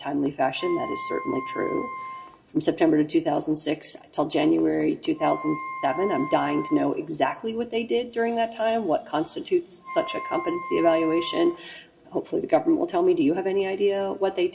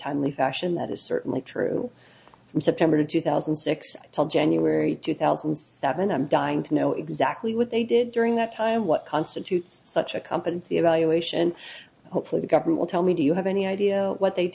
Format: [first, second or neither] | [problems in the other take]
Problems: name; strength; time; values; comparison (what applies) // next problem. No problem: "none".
second | background sound (Wind instrument, woodwind instrument); 12 dB below the speech // room echo; dies away in 0.9 s